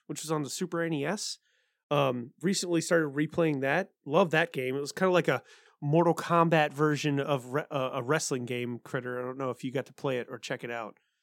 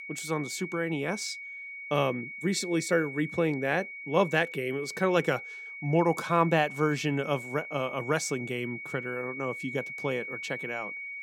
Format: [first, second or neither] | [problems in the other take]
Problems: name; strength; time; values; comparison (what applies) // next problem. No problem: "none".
first | high-pitched whine; loud; throughout; 2 kHz, 9 dB below the speech